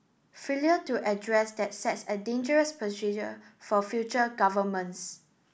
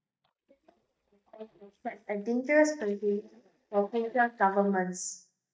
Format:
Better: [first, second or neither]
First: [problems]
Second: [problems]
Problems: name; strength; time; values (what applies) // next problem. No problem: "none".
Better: first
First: none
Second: noise reduction (neural mask model DeepFilterNet 3)